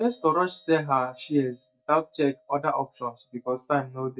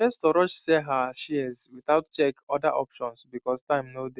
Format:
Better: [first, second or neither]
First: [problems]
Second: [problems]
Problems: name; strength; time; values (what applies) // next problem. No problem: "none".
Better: second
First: noise reduction (neural mask model DeepFilterNet 3)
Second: none